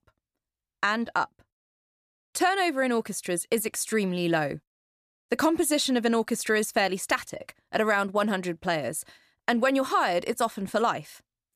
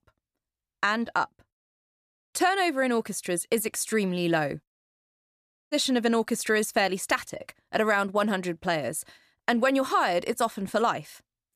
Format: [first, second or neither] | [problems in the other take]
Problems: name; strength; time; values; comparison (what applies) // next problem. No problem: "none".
first | audio cutting out; at 5 s for 0.5 s